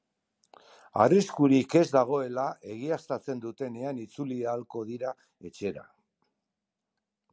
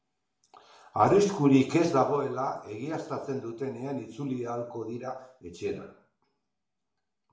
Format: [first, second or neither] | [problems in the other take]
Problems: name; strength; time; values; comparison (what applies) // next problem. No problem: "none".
first | room echo; dies away in 0.5 s